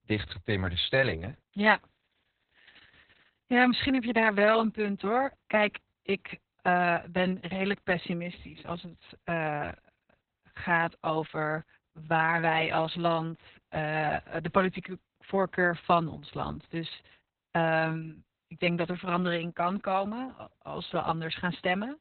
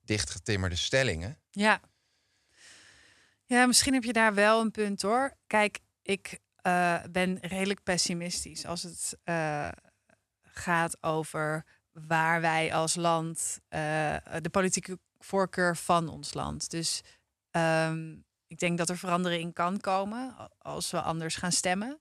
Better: second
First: garbled, watery; badly; nothing above 4 kHz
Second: none

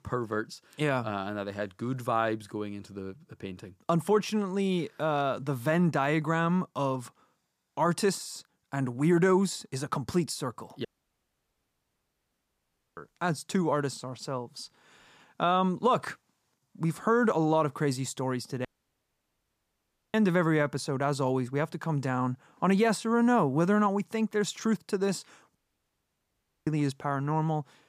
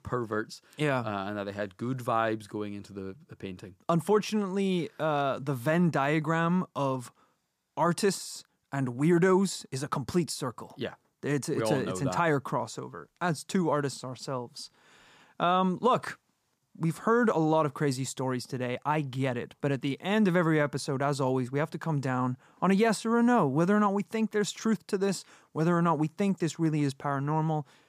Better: second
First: audio cutting out; at 11 s for 2 s, at 19 s for 1.5 s and at 26 s for 1 s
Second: none

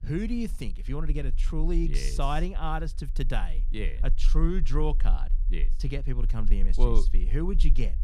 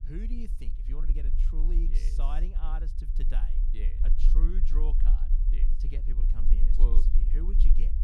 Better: first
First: low rumble; faint; throughout; 20 dB below the speech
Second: low rumble; loud; throughout; 5 dB below the speech

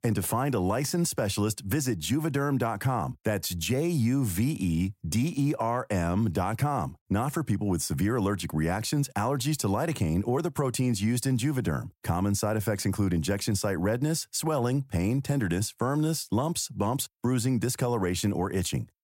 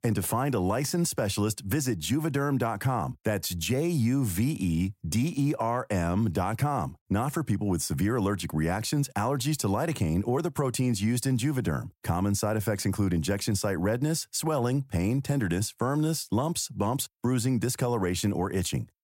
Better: neither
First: none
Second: none

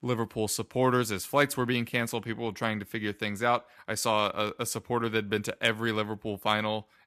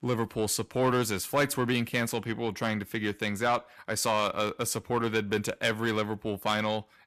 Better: first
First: none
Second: distortion; slight; 10 dB below the speech

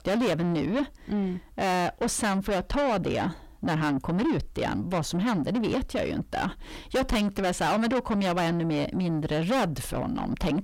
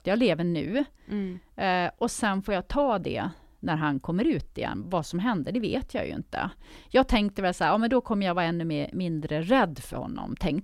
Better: second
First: distortion; heavy; 7 dB below the speech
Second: none

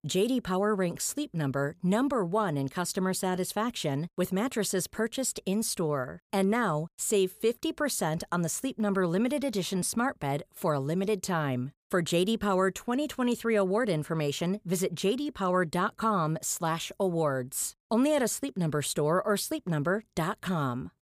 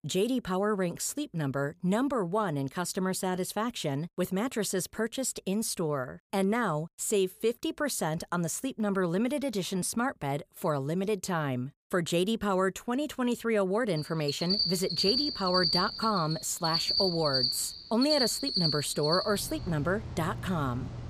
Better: first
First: none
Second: animal sounds; very loud; from 14 s on; as loud as the speech

